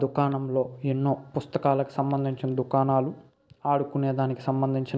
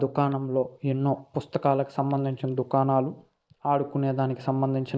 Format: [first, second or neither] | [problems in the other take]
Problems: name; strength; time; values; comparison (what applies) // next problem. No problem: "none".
first | noise reduction (neural mask model Resemble Enhance denoiser)